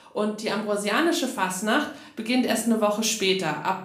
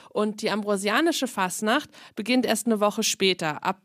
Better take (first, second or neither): second